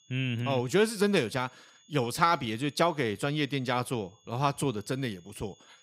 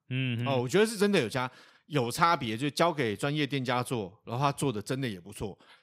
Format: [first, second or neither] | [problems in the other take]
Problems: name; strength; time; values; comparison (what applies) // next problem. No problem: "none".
second | high-pitched whine; faint; throughout; 3.5 kHz, 30 dB below the speech